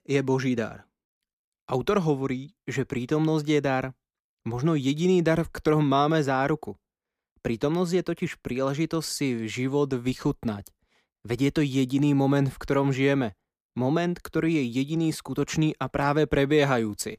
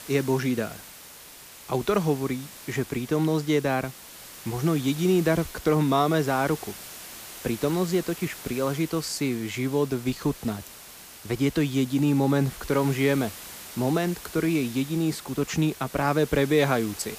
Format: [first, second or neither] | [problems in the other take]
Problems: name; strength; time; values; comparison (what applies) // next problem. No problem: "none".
first | hiss; noticeable; throughout; 15 dB below the speech